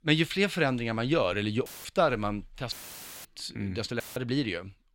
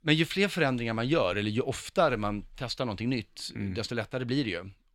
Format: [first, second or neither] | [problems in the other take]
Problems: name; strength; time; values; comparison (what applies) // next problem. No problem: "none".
second | audio cutting out; filled with static; at 1.5 s, at 2.5 s for 0.5 s and at 4 s